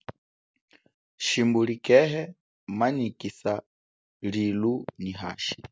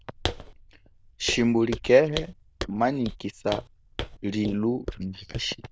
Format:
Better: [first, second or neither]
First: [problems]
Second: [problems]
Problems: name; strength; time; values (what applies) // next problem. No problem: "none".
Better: first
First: none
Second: noise reduction (neural diffusion model UNIVERSE++)